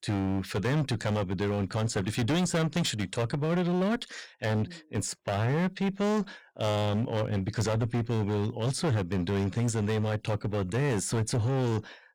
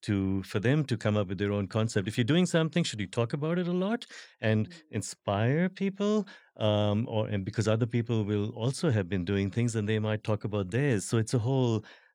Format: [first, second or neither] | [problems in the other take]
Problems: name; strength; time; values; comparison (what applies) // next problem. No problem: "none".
second | distortion; heavy; 19% of the sound clipped